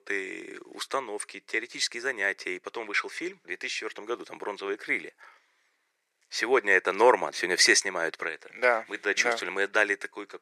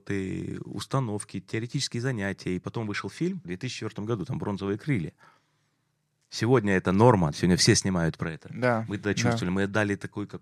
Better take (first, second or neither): second